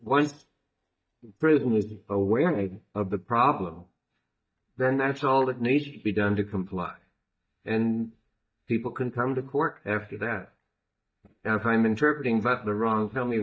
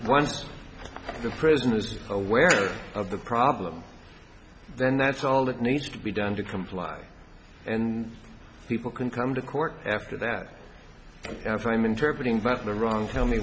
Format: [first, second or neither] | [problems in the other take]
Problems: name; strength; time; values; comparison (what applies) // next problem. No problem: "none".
second | noise reduction (neural mask model DeepFilterNet 3)